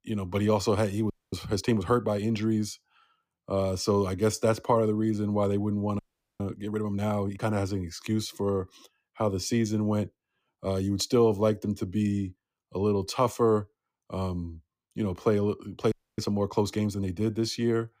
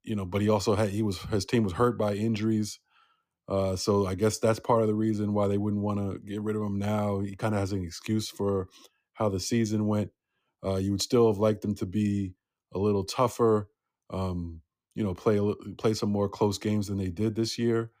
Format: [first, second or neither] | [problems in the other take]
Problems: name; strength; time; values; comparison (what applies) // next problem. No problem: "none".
second | audio freezing; at 1 s, at 6 s and at 16 s